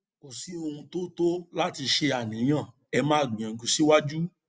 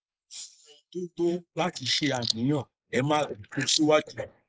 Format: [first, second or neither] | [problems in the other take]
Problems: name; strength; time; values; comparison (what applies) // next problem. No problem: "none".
first | noise reduction (neural mask model Resemble Enhance denoiser)